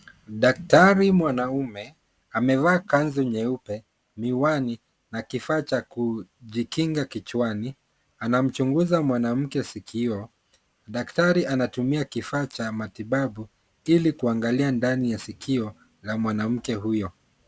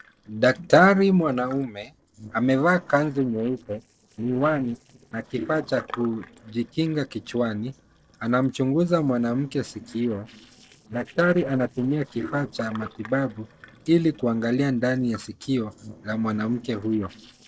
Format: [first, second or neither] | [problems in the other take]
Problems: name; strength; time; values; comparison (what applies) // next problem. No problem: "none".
first | noise reduction (neural separator model SepFormer DNS4)